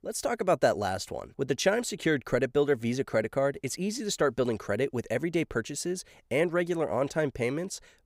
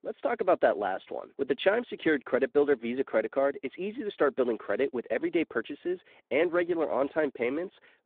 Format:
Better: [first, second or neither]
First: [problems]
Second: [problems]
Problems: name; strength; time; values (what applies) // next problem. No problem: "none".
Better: first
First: none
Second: phone-call audio